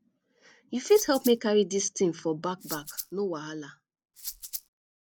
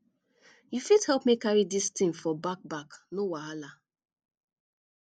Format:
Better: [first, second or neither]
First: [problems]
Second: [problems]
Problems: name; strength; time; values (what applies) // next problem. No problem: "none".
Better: second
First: background sound (Rattle (instrument)); 11 dB below the speech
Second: none